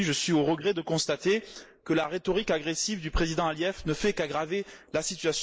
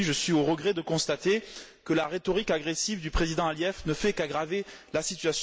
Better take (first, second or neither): second